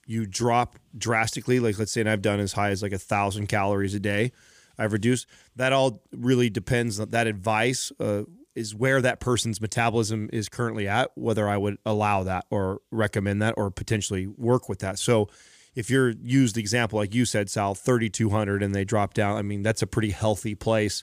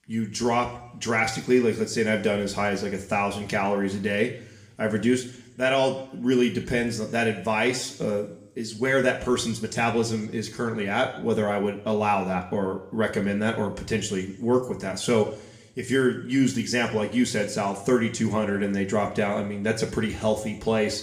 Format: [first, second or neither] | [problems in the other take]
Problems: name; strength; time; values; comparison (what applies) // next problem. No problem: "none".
first | room echo; slight; dies away in 0.6 s // off-mic speech; somewhat distant